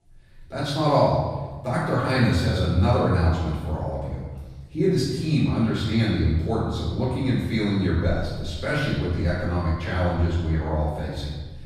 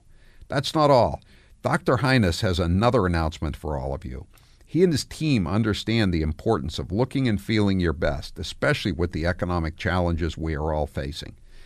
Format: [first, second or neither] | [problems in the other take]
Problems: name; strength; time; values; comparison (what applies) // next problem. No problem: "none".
second | off-mic speech; far // room echo; strong; dies away in 1.3 s